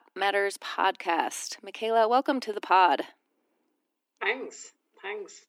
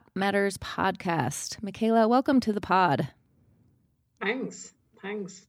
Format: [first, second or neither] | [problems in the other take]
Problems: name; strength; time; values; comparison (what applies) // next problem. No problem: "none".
second | thin; somewhat; fading below 300 Hz